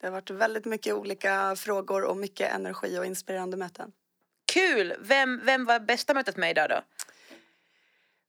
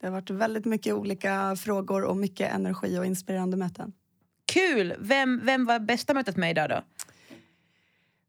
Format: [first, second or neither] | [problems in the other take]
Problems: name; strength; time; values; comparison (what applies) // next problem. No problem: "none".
second | thin; somewhat; fading below 400 Hz